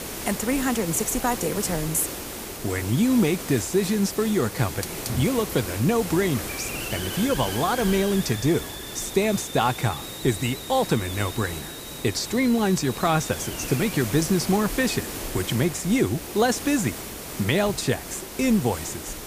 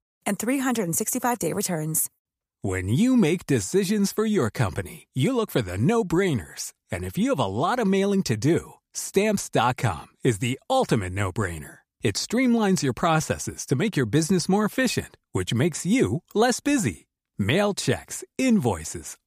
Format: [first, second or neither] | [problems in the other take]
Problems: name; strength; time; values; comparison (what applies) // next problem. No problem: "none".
second | hiss; loud; throughout; 8 dB below the speech